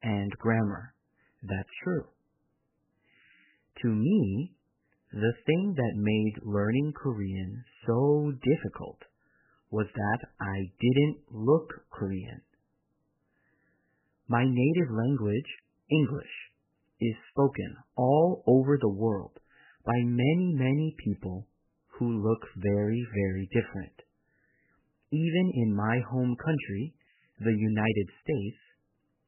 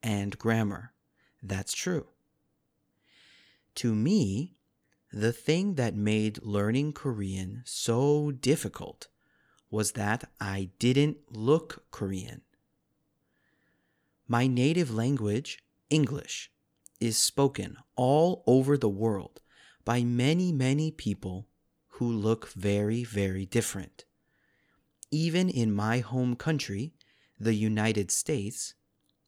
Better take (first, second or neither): second